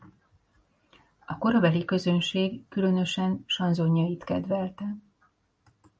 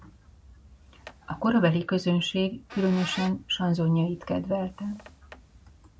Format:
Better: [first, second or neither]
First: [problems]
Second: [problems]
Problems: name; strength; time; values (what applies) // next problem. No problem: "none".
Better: first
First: none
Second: background sound (Squeak); 19 dB below the speech